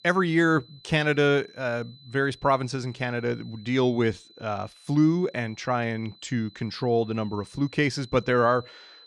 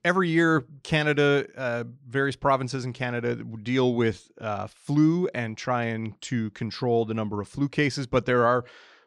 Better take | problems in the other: second | high-pitched whine; faint; throughout; 4 kHz, 25 dB below the speech

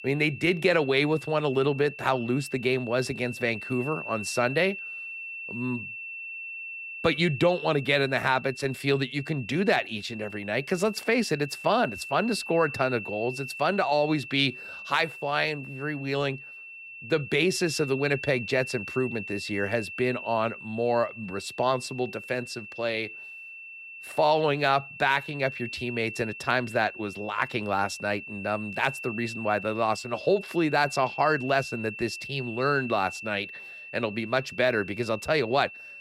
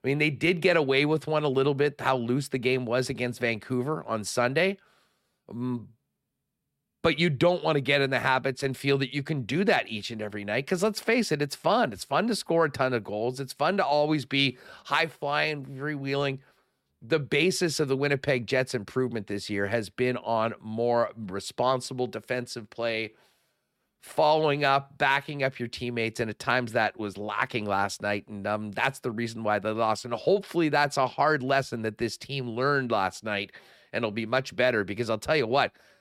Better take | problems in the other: second | high-pitched whine; noticeable; throughout; 2.5 kHz, 10 dB below the speech

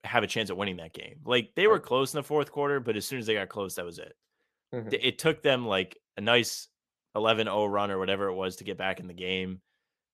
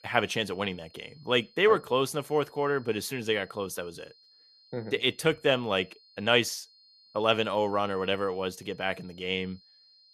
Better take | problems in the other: first | high-pitched whine; faint; throughout; 4.5 kHz, 30 dB below the speech

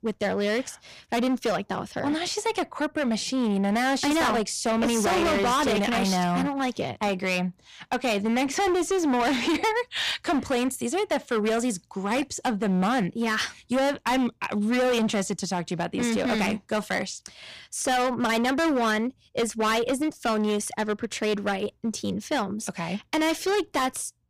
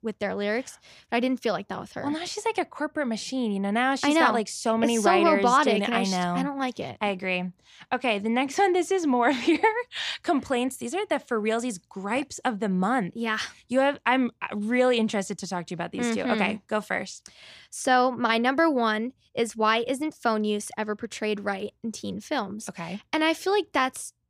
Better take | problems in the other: second | distortion; heavy; 20% of the sound clipped

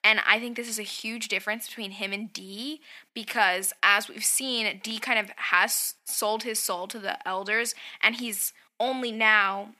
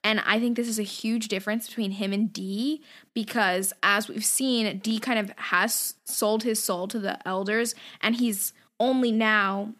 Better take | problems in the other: second | thin; somewhat; fading below 800 Hz

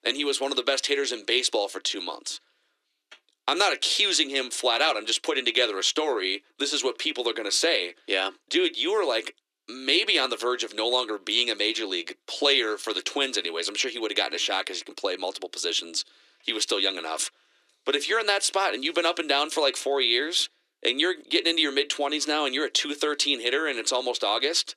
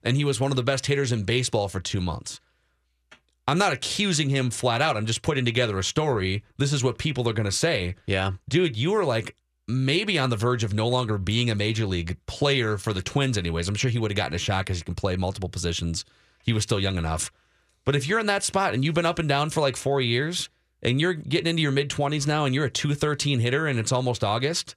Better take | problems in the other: second | thin; very; fading below 300 Hz

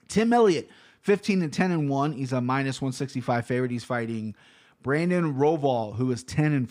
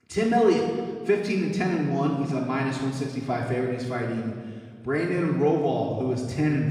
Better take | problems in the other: first | room echo; noticeable; dies away in 1.5 s // off-mic speech; far

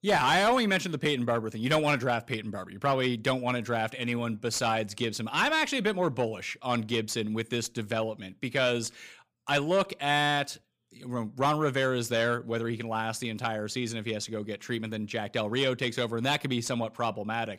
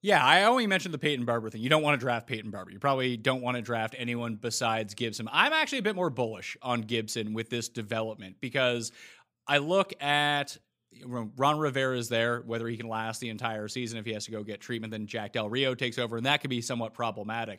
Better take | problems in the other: second | distortion; slight; 10 dB below the speech

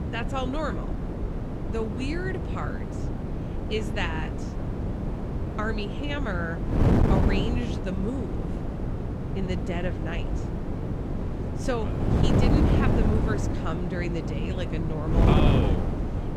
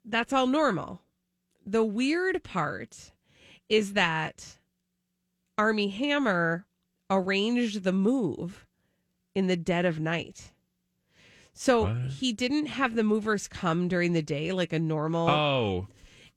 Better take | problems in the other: second | wind noise on the microphone; heavy; as loud as the speech

